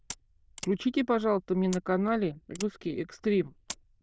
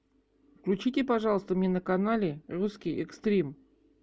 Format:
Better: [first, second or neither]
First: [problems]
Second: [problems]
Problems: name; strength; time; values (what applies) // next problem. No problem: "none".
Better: second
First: noise reduction (neural diffusion model UNIVERSE++)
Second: none